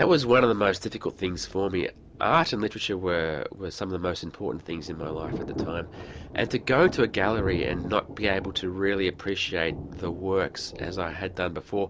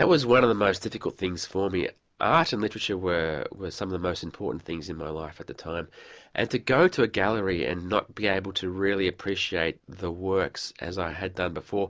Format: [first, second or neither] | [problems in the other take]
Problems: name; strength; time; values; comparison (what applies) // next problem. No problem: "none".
second | background sound (Thunder / Rain); 13 dB below the speech